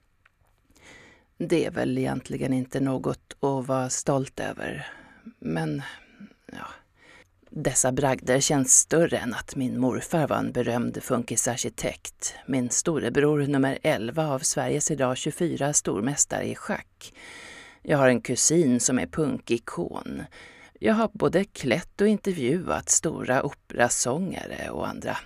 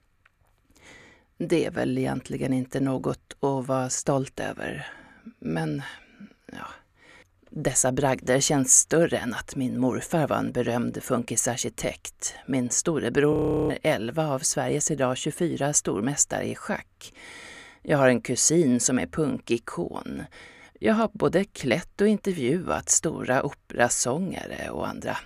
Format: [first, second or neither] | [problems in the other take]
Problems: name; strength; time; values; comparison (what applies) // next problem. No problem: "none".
first | audio freezing; at 13 s